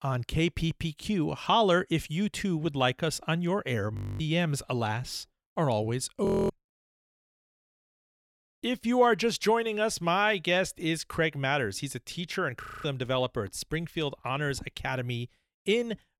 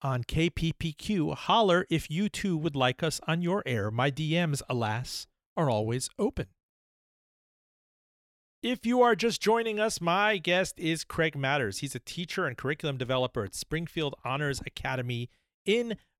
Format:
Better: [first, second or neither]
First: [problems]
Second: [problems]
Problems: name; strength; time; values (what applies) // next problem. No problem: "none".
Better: second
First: audio freezing; at 4 s, at 6.5 s and at 13 s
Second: none